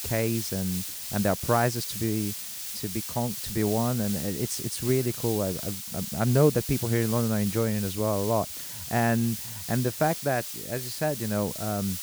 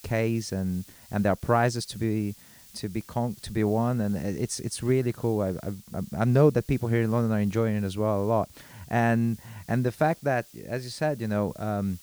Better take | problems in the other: second | hiss; loud; throughout; 5 dB below the speech; faint in the second

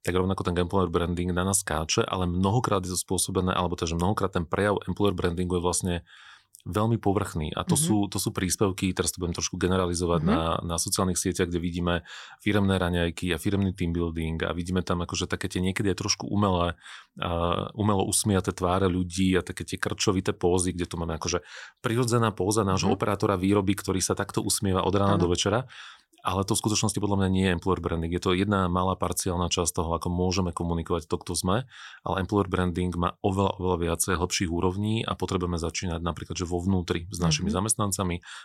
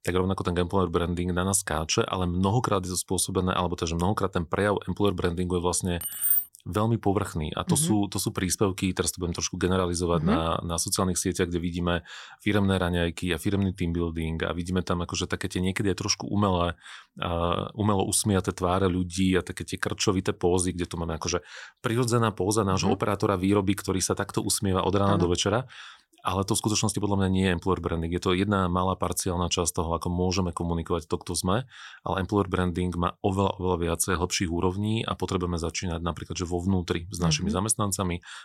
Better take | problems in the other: first | jangling keys; loud; at 6 s; peak 5 dB above the speech

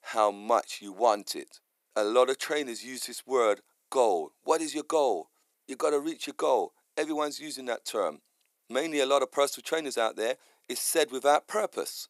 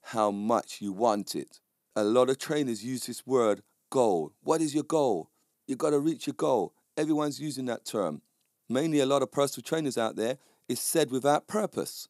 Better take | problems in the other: second | thin; somewhat; fading below 500 Hz

